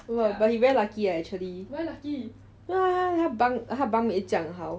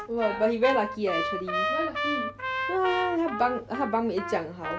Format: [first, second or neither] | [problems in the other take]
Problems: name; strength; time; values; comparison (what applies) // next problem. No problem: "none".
first | background sound (Trumpet); 4 dB below the speech